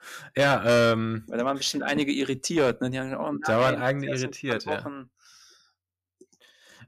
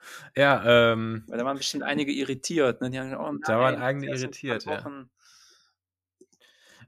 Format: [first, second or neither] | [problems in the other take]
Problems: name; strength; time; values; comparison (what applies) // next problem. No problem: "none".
second | distortion; slight; 4% of the sound clipped